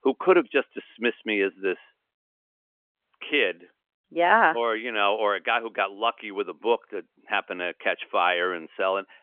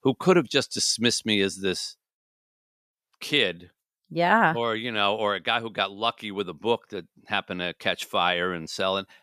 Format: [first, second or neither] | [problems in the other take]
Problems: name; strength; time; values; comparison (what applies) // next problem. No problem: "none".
second | phone-call audio; nothing above 3.5 kHz